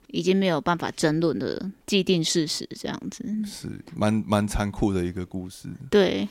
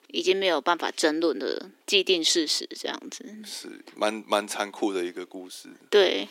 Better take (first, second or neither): first